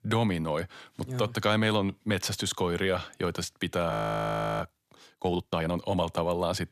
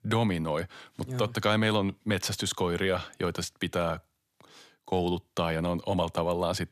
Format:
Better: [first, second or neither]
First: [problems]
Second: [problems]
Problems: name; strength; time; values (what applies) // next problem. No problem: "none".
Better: second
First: audio freezing; at 4 s for 0.5 s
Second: none